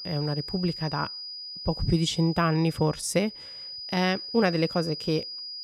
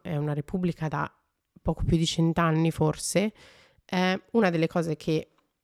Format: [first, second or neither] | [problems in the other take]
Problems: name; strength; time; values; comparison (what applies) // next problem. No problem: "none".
second | high-pitched whine; loud; throughout; 5 kHz, 9 dB below the speech